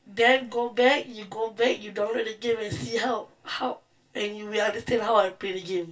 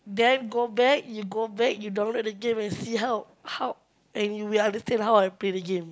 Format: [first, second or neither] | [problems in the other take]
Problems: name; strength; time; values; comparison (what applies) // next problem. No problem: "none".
second | room echo; dies away in 0.2 s